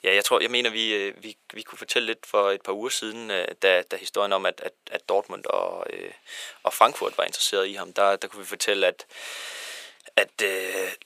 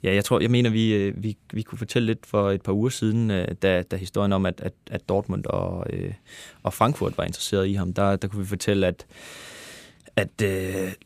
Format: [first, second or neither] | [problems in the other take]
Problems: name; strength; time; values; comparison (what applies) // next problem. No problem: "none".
second | thin; very; fading below 550 Hz